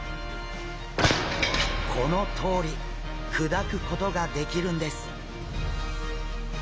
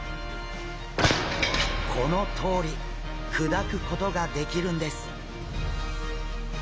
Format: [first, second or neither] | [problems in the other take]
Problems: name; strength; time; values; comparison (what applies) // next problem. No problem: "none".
first | background sound (Bowed string instrument); 13 dB below the speech